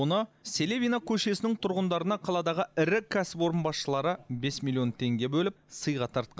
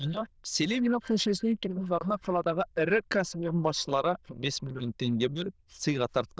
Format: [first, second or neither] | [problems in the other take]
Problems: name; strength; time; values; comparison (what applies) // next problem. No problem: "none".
first | noise reduction (neural diffusion model UNIVERSE++)